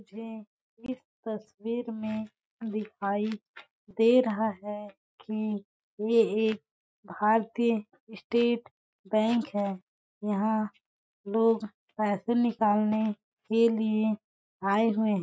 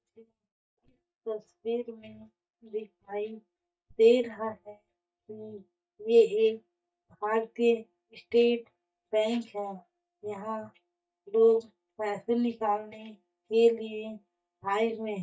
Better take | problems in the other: first | noise reduction (neural mask model DeepFilterNet 3)

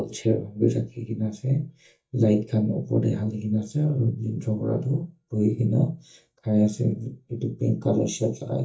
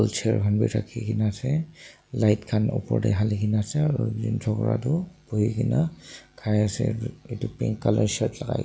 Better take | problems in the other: second | noise reduction (neural mask model DeepFilterNet 3)

